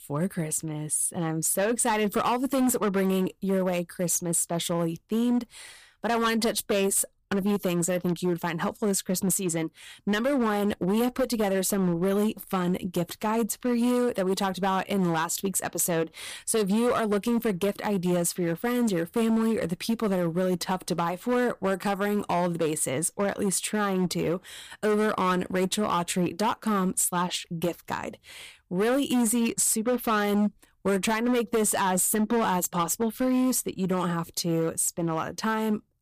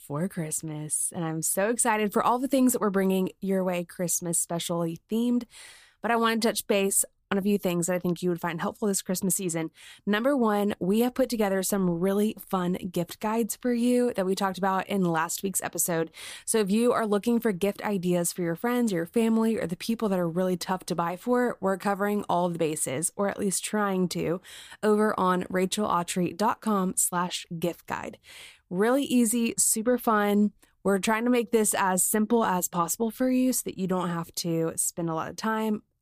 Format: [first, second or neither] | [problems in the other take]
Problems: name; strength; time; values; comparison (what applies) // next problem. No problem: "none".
second | distortion; slight; 12% of the sound clipped